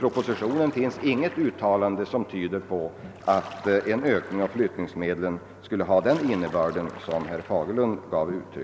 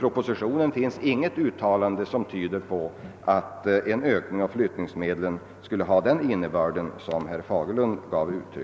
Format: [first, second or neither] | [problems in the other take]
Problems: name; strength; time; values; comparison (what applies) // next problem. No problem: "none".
second | background sound (Splash, splatter); 20 dB below the speech